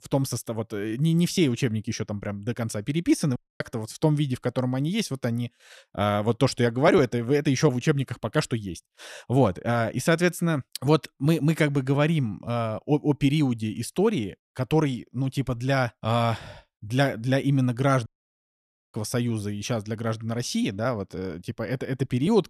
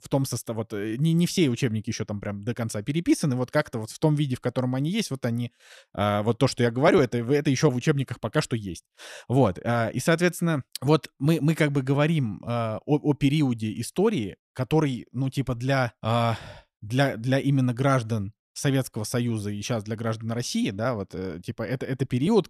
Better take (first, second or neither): second